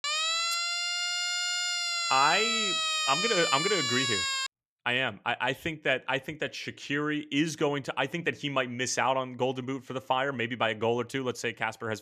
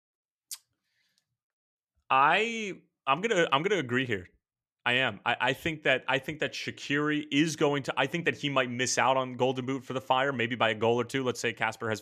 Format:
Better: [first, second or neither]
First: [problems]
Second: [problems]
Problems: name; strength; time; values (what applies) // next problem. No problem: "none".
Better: second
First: siren; loud; until 4.5 s; peak 4 dB above the speech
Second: none